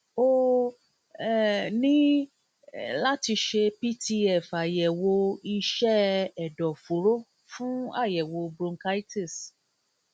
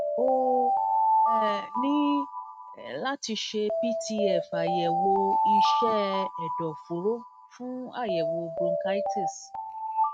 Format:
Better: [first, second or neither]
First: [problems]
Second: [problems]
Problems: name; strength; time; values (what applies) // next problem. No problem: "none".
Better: first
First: none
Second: noise reduction (neural mask model RNNoise)